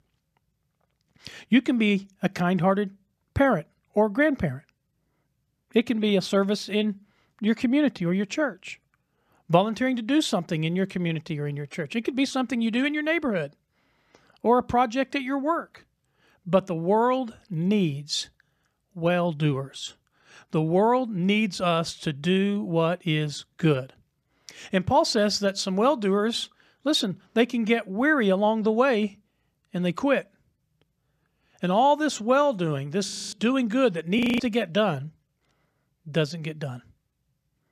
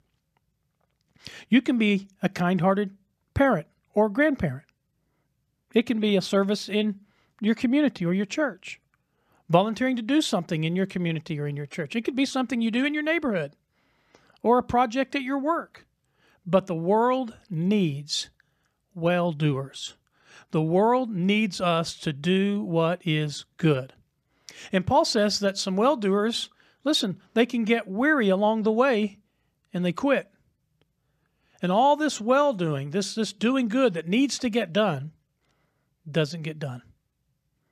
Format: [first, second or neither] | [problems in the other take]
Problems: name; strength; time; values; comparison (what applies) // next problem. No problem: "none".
second | audio freezing; at 33 s and at 34 s